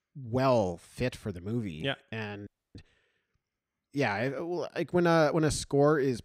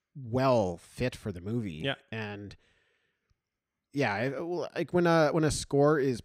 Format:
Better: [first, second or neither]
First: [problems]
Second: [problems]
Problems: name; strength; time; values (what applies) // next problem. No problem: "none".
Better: second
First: audio freezing; at 2.5 s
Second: none